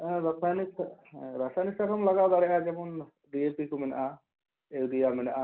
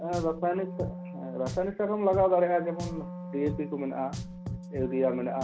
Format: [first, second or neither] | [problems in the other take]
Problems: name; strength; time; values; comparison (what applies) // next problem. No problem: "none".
first | background sound (Drum + Wind instrument, woodwind instrument); 8 dB below the speech